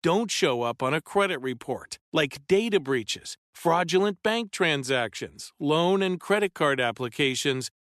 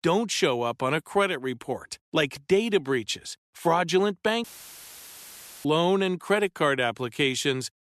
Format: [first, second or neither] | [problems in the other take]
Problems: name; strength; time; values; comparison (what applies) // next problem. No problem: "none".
first | audio cutting out; filled with static; at 4.5 s for 1 s